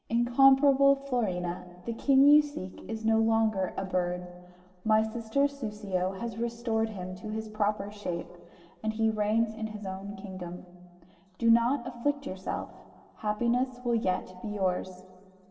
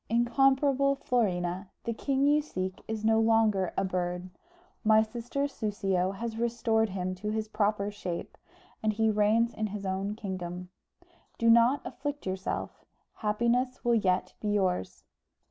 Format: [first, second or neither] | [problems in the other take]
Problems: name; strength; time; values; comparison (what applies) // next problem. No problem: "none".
second | room echo; dies away in 1.7 s